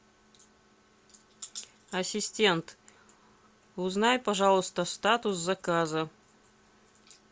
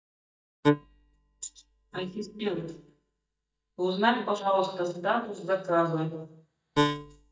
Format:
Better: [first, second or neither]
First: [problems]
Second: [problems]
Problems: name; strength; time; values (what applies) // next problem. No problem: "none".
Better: first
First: none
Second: noise reduction (neural mask model DeepFilterNet 3)